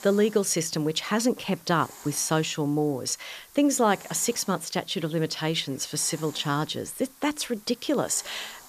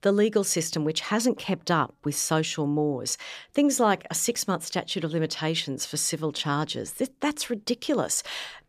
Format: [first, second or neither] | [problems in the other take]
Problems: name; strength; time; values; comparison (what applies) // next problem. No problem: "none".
second | hiss; faint; throughout; 20 dB below the speech